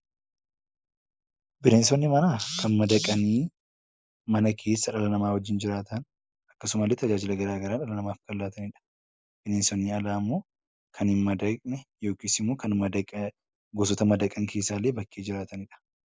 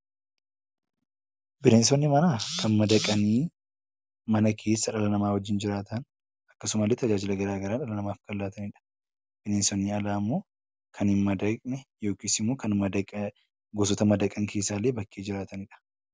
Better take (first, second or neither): second